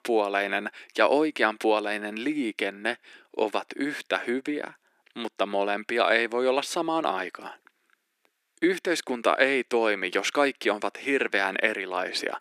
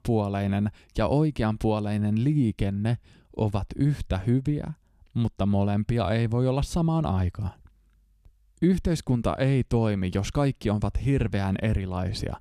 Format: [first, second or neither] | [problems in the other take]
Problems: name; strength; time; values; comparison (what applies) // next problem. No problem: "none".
second | thin; very; fading below 300 Hz